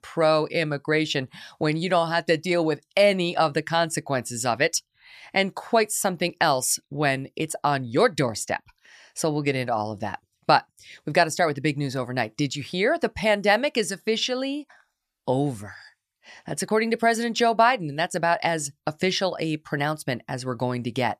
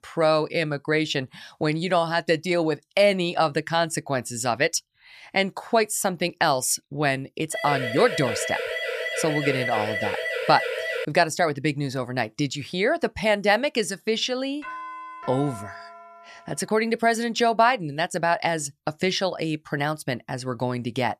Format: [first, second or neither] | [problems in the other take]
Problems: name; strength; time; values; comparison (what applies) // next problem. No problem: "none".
first | siren; noticeable; from 7.5 to 11 s; peak 3 dB below the speech // doorbell; faint; from 15 to 17 s; peak 10 dB below the speech